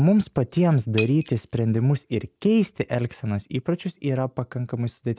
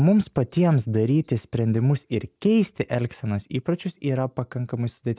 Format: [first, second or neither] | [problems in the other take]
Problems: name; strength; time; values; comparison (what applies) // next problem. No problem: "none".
second | background sound (Shatter); 19 dB below the speech